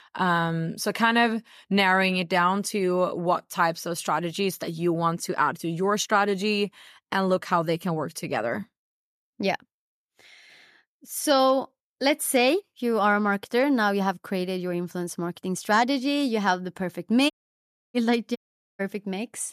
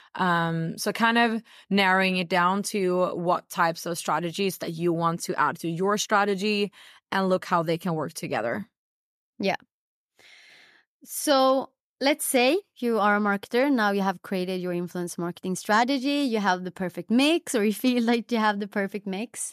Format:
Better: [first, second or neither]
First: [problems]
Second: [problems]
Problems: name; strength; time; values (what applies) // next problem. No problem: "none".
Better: second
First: audio cutting out; at 17 s for 0.5 s and at 18 s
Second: none